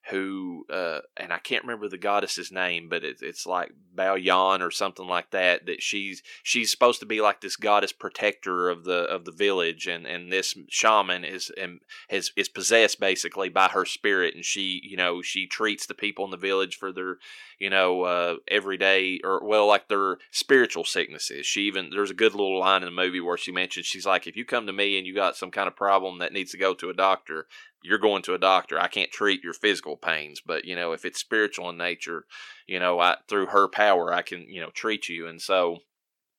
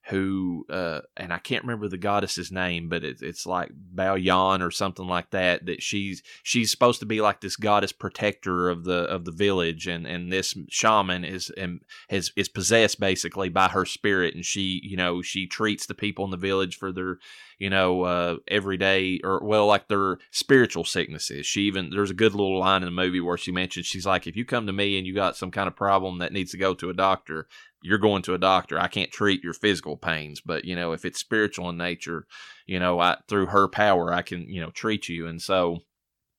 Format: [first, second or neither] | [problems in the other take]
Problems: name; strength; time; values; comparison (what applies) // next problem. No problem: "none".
second | thin; somewhat; fading below 400 Hz